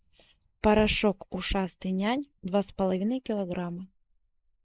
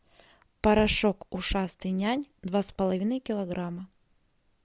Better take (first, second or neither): second